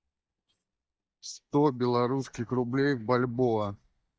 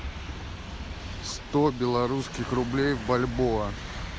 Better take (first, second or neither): second